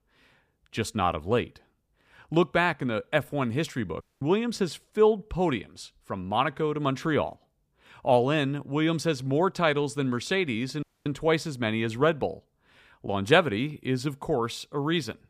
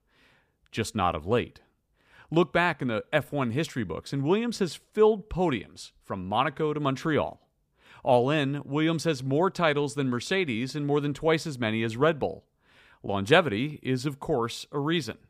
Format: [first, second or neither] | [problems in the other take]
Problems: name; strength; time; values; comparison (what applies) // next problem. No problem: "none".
second | audio cutting out; at 4 s and at 11 s